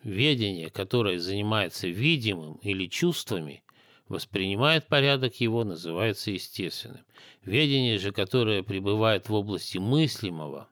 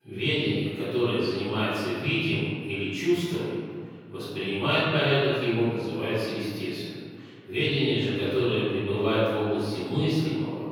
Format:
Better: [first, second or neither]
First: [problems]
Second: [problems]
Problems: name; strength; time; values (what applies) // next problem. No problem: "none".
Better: first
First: none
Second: off-mic speech; far // room echo; strong; dies away in 1.9 s